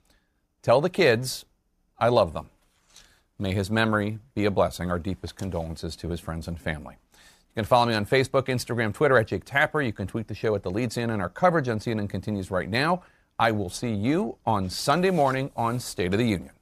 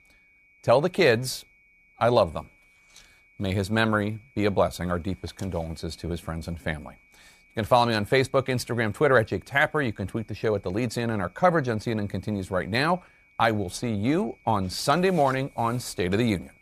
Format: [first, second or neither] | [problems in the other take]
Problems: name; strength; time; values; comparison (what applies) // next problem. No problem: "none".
first | high-pitched whine; faint; throughout; 2.5 kHz, 30 dB below the speech